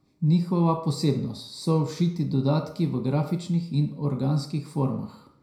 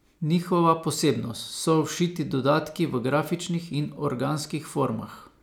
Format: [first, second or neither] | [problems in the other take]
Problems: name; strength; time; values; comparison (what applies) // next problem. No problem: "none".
second | room echo; dies away in 0.4 s